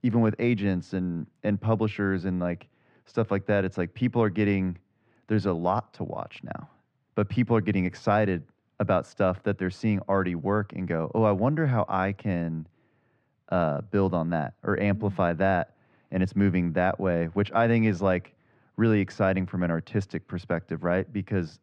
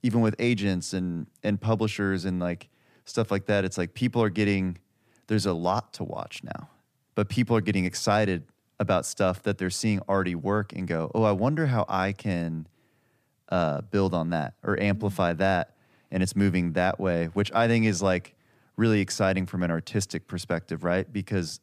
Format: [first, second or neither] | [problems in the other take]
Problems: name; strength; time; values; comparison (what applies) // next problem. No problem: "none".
second | muffled; very; fading above 2 kHz